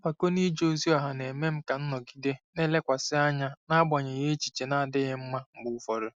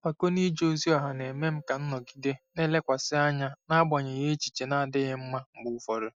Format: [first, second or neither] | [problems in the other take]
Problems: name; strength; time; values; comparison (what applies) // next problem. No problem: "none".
first | noise reduction (neural mask model DeepFilterNet 3)